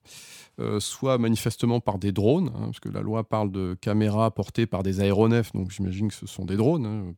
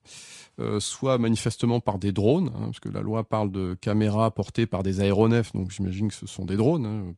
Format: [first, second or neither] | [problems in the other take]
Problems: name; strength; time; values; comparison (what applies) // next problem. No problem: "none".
first | garbled, watery; slightly; nothing above 10 kHz